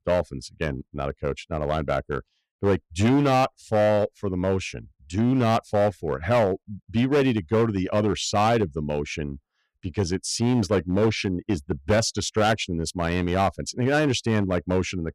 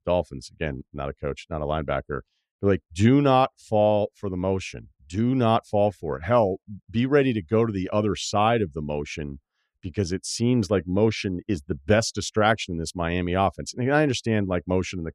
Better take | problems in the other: second | distortion; slight; 7% of the sound clipped

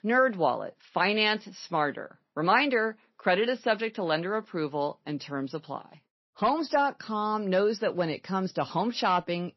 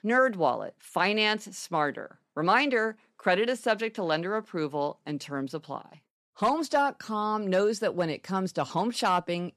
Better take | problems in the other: second | garbled, watery; slightly; nothing above 5.5 kHz

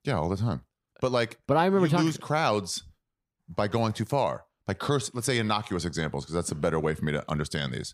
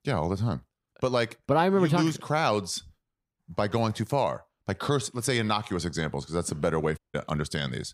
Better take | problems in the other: first | audio cutting out; at 7 s

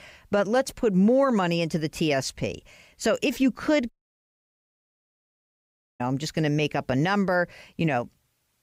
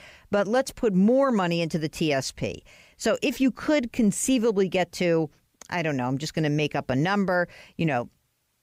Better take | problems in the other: second | audio cutting out; at 4 s for 2 s

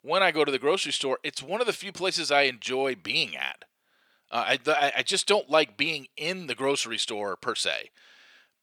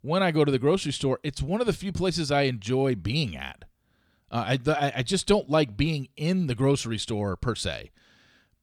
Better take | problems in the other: second | thin; somewhat; fading below 500 Hz

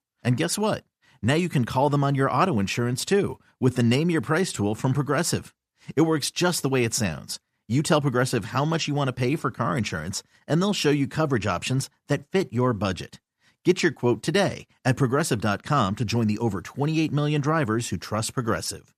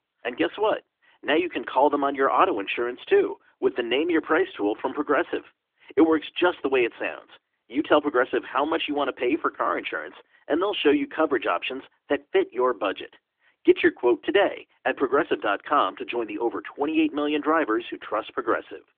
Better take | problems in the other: first | phone-call audio

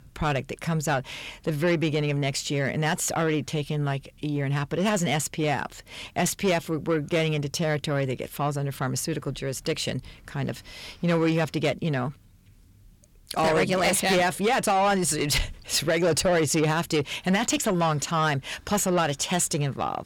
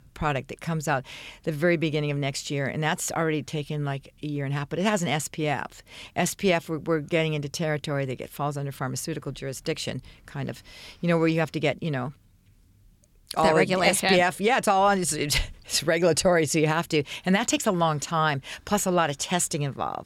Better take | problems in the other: second | distortion; slight; 10 dB below the speech

